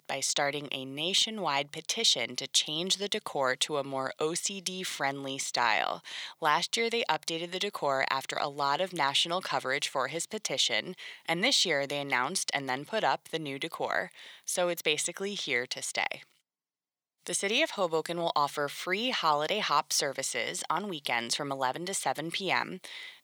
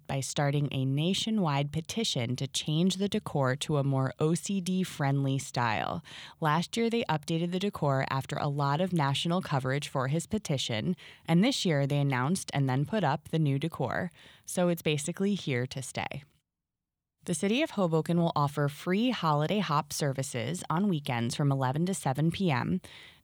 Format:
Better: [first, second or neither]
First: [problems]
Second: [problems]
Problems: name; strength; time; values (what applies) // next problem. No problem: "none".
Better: second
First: thin; very; fading below 450 Hz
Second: none